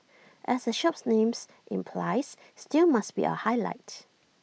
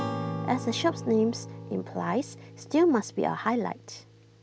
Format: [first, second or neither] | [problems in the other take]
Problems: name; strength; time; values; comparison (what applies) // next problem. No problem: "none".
first | background sound (Acoustic guitar / Strum); 10 dB below the speech